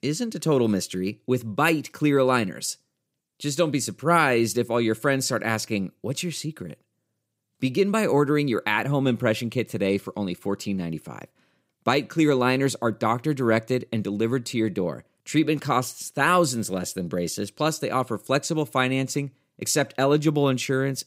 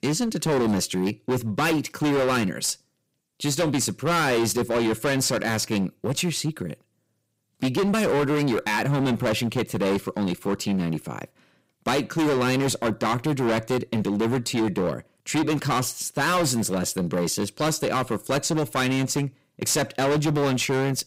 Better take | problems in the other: first | distortion; heavy; 20% of the sound clipped

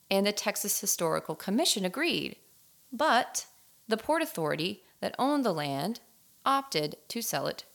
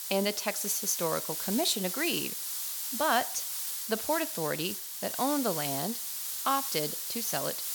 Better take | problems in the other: first | hiss; loud; throughout; 1 dB below the speech; faint in the first

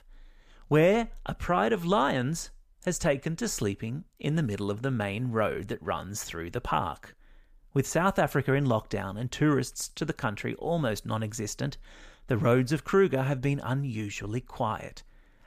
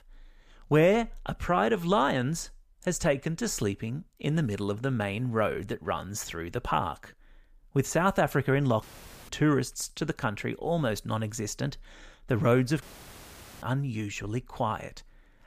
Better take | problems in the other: first | audio cutting out; filled with static; at 9 s and at 13 s for 1 s

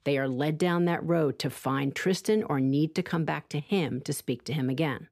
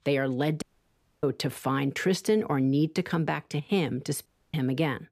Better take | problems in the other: first | audio cutting out; at 0.5 s for 0.5 s and at 4.5 s

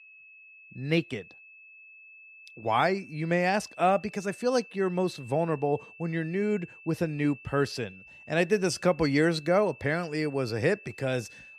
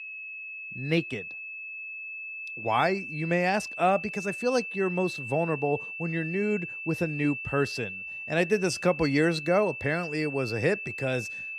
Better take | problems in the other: first | high-pitched whine; loud; throughout; 2.5 kHz, 7 dB below the speech; faint in the first

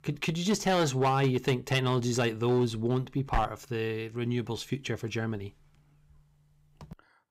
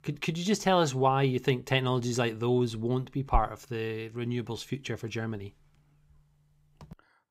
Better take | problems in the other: second | distortion; slight; 5% of the sound clipped

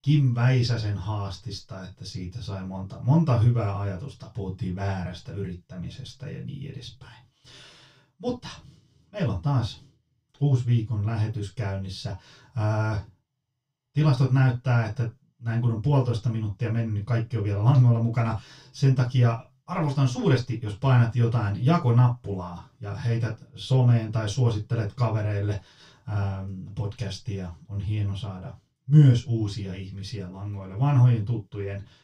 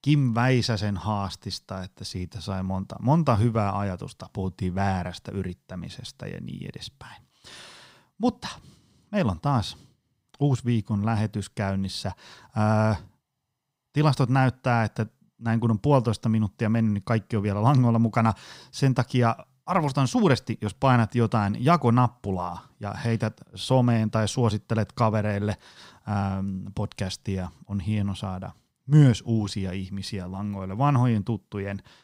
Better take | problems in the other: second | room echo; very slight; dies away in 0.1 s // off-mic speech; far

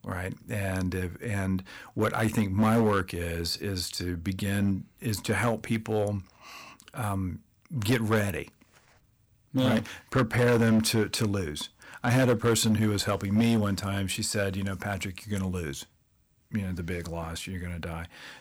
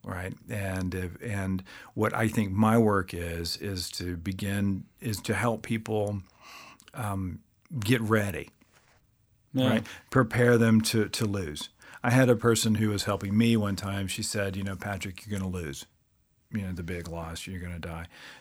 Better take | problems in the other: second | distortion; slight; 4% of the sound clipped

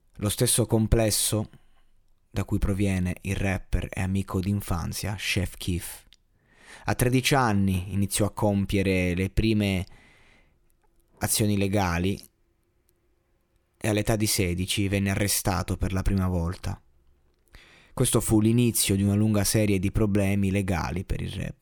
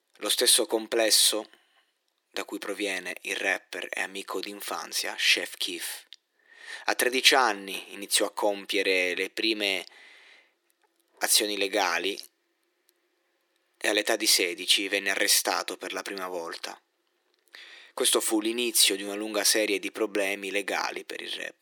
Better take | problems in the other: first | thin; very; fading below 350 Hz

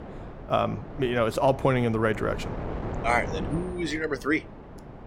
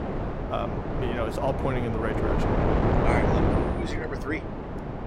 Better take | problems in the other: first | wind noise on the microphone; heavy; 2 dB above the speech; occasional gusts in the first

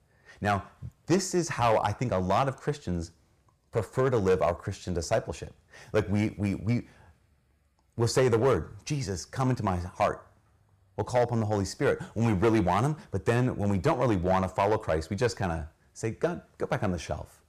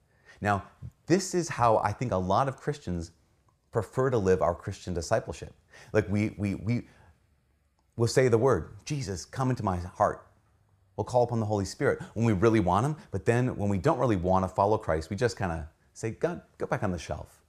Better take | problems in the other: second | distortion; slight; 3% of the sound clipped

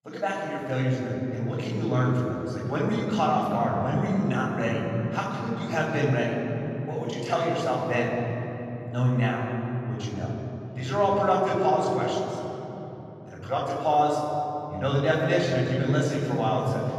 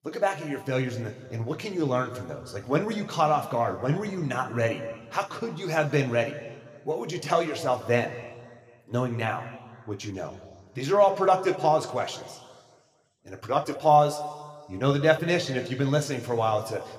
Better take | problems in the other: second | room echo; strong; dies away in 3 s; slight in the second // off-mic speech; far

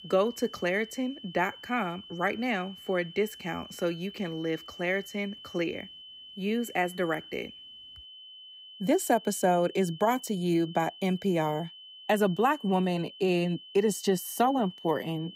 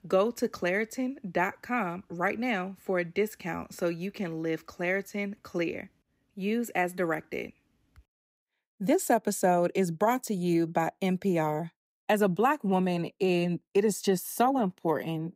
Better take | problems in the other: second | high-pitched whine; noticeable; throughout; 3 kHz, 15 dB below the speech

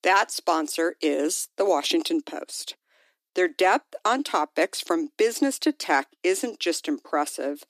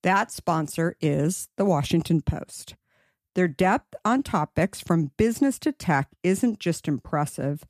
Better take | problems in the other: second | thin; somewhat; fading below 300 Hz

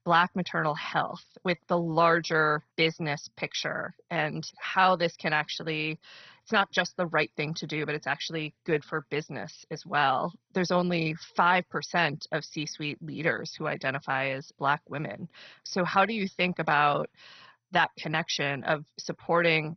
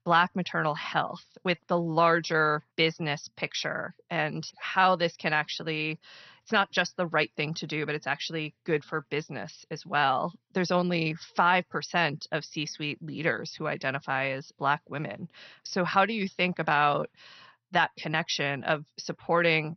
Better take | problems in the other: second | garbled, watery; badly; nothing above 6 kHz; slightly in the second

